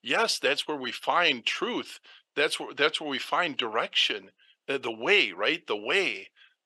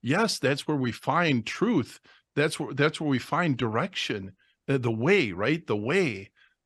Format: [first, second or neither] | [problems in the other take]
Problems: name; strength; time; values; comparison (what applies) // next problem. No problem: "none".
second | thin; somewhat; fading below 550 Hz